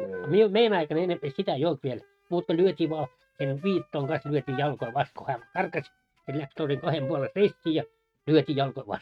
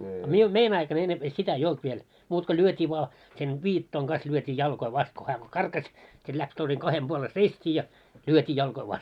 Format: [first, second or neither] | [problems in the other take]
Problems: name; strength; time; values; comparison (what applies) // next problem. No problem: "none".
second | noise reduction (neural mask model RNNoise)